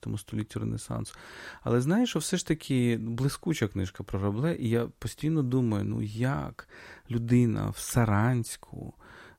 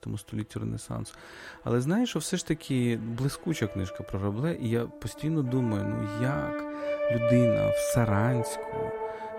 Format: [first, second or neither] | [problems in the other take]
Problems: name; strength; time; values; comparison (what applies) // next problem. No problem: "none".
first | background music; loud; throughout; 2 dB below the speech